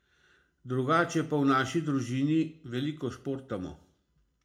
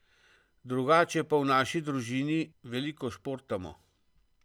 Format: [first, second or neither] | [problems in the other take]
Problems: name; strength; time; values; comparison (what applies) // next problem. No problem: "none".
second | room echo; dies away in 0.3 s